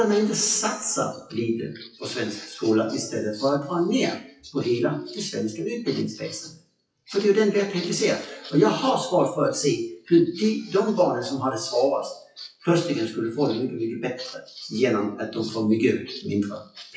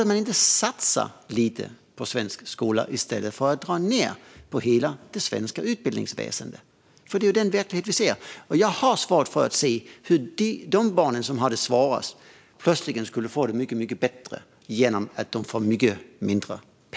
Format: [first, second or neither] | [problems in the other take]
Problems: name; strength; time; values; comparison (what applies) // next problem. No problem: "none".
second | noise reduction (classical method WPE with log-MMSE)